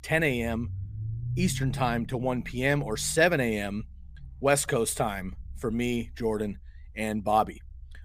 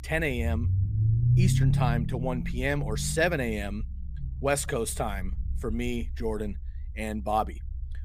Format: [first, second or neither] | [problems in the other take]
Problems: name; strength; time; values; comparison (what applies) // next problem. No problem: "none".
first | low rumble; loud; throughout; 10 dB below the speech; faint in the first